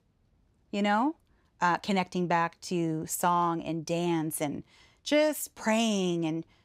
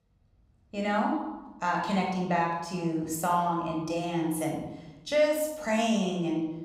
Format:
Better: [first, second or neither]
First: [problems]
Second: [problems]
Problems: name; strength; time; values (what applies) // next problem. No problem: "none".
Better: first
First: none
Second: off-mic speech; somewhat distant // room echo; noticeable; dies away in 0.9 s